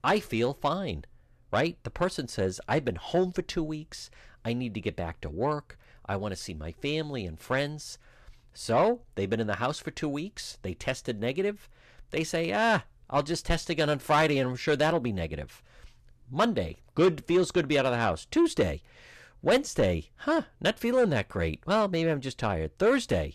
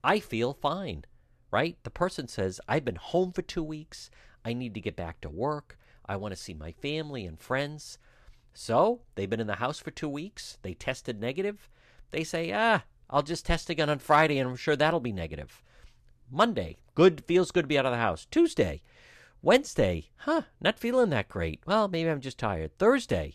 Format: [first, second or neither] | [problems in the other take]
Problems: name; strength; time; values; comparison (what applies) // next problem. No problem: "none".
second | distortion; slight; 10 dB below the speech